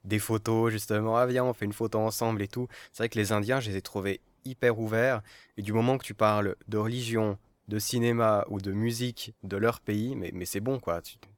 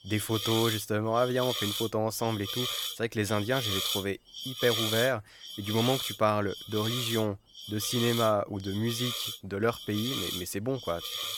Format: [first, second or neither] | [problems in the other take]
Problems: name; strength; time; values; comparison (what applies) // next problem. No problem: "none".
first | hiss; loud; throughout; 3 dB below the speech